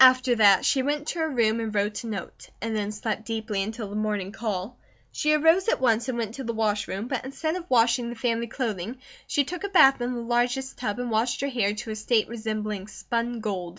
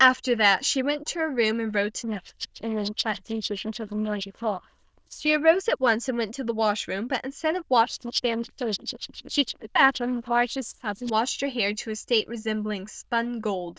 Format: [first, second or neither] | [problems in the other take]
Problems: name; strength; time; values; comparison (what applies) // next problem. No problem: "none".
first | noise reduction (neural diffusion model UNIVERSE++)